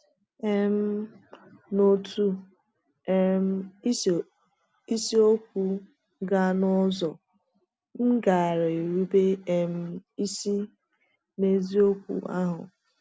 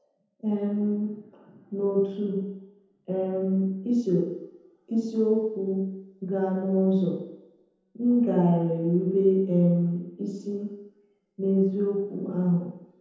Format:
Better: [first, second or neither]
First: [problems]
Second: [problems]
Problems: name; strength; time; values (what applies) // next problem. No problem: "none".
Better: first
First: none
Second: room echo; dies away in 0.9 s